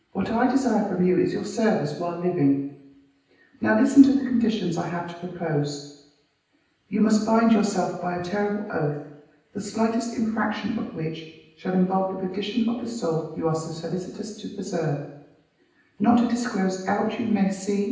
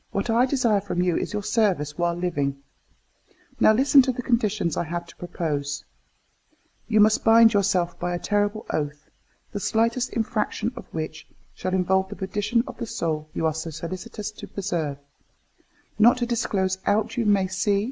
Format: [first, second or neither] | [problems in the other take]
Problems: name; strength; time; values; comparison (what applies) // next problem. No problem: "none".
second | room echo; dies away in 0.9 s